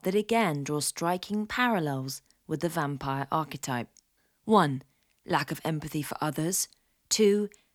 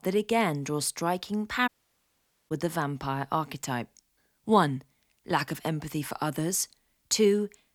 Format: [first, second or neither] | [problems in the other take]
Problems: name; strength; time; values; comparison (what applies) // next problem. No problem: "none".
first | audio cutting out; at 1.5 s for 1 s